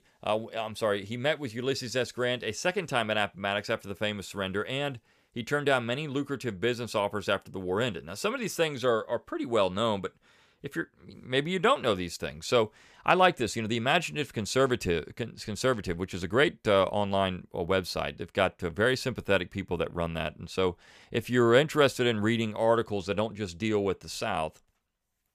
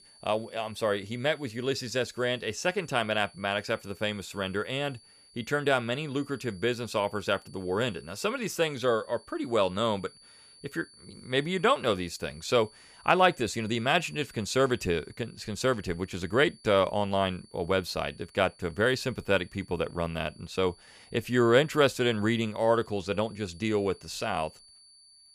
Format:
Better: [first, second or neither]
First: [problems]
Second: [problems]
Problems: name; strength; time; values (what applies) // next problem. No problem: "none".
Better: first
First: none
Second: high-pitched whine; faint; throughout; 4.5 kHz, 25 dB below the speech